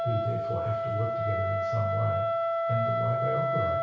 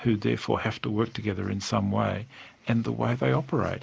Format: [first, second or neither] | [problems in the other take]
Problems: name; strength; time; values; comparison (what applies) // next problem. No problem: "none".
second | background sound (Wind instrument, woodwind instrument); 3 dB above the speech // room echo; dies away in 0.6 s